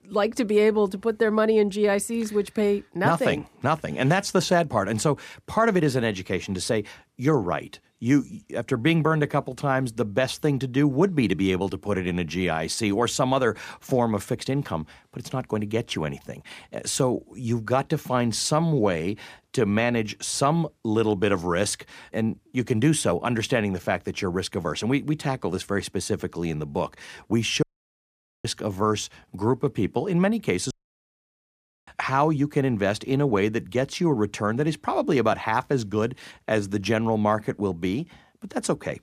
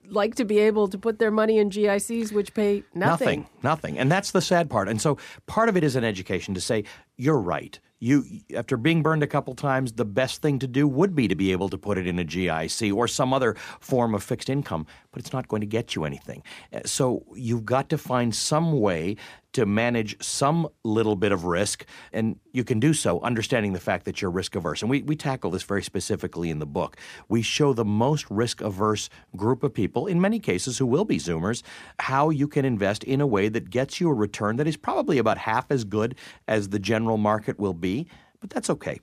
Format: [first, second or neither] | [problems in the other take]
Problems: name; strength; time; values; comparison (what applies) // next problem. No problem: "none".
second | audio cutting out; at 28 s for 1 s and at 31 s for 1 s